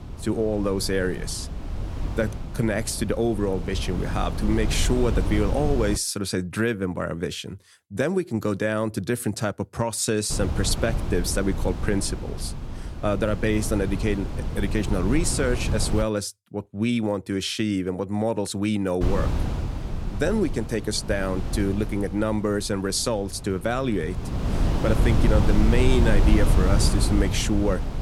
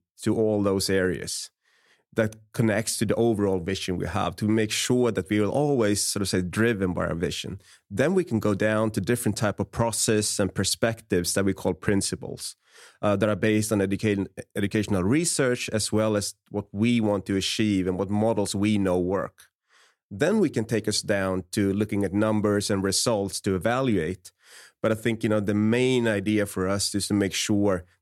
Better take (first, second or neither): second